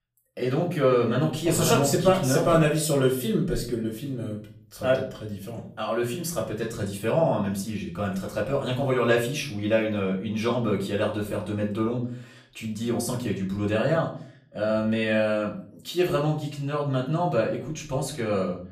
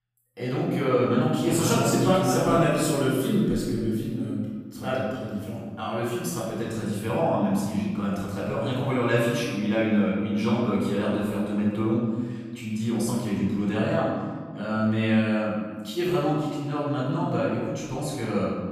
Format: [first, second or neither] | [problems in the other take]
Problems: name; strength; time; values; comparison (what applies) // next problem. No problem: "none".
first | room echo; strong; dies away in 1.6 s; slight in the first // off-mic speech; far; far in the first